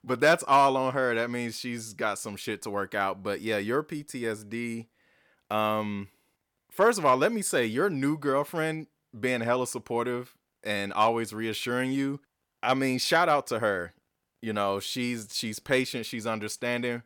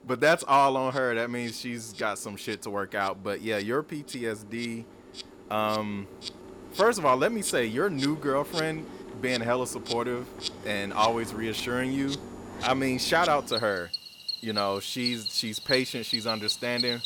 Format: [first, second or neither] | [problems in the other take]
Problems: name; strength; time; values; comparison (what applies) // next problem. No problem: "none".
first | animal sounds; loud; throughout; 7 dB below the speech